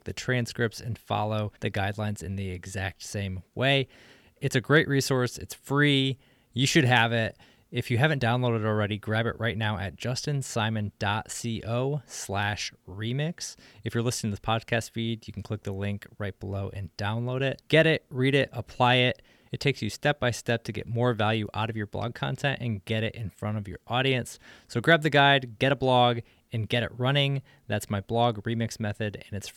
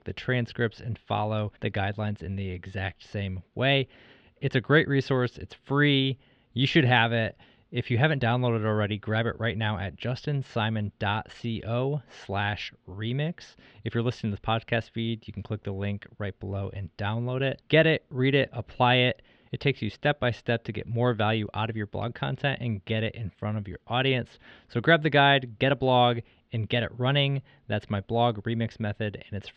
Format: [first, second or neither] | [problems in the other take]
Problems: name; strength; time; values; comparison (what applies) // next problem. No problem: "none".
first | muffled; slightly; fading above 3.5 kHz